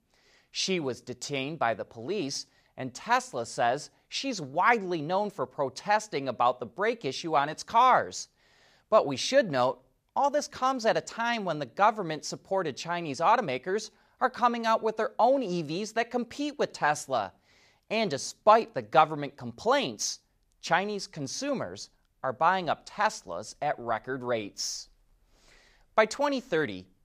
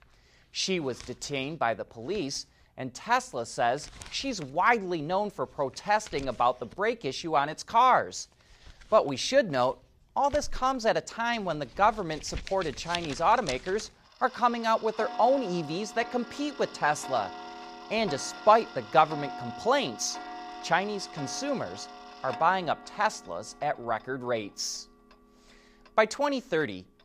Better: first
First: none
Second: household noises; noticeable; throughout; 15 dB below the speech

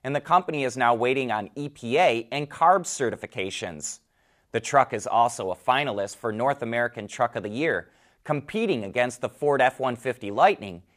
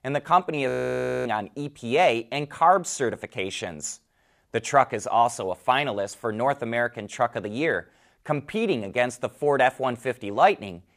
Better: first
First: none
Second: audio freezing; at 0.5 s for 0.5 s

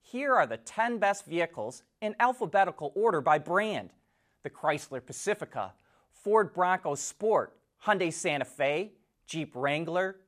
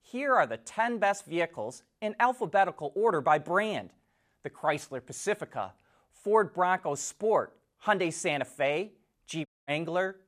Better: first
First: none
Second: audio cutting out; at 9.5 s

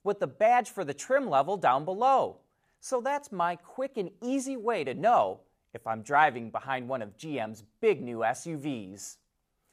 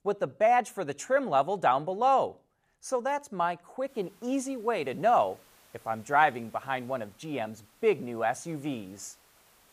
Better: first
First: none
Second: hiss; faint; from 4 s on; 30 dB below the speech

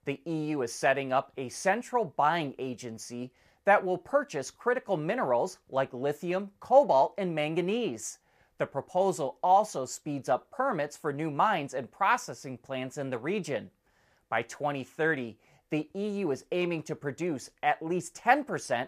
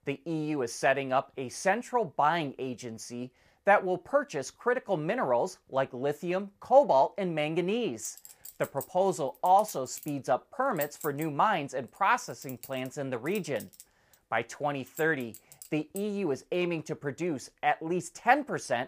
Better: first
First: none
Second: clattering dishes; faint; from 8 to 16 s; peak 10 dB below the speech

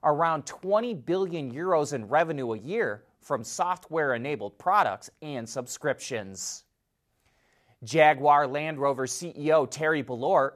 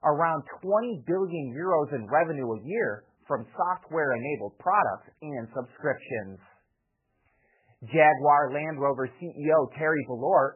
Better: first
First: none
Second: garbled, watery; badly; nothing above 2.5 kHz

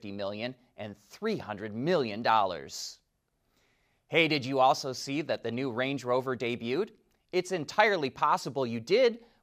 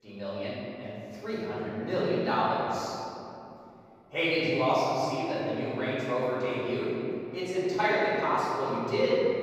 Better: first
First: none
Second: off-mic speech; far // room echo; strong; dies away in 2.6 s

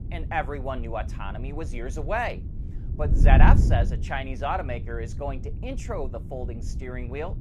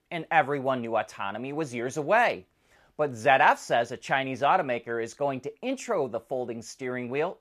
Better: second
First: wind noise on the microphone; occasional gusts; 10 dB below the speech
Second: none

